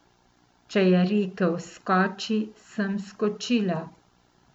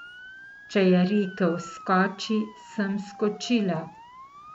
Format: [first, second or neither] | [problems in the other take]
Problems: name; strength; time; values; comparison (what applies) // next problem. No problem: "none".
first | background sound (Motor vehicle (road) / Siren); 19 dB below the speech